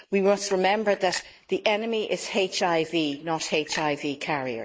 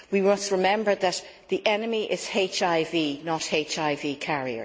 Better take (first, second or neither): second